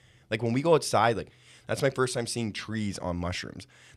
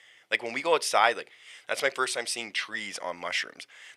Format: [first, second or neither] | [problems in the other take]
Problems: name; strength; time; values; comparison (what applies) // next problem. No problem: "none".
first | thin; very; fading below 600 Hz